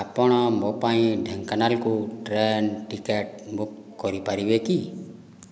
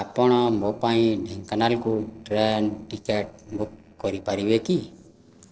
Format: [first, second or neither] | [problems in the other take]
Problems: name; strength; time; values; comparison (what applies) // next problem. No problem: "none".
first | noise reduction (neural separator model SepFormer DNS4)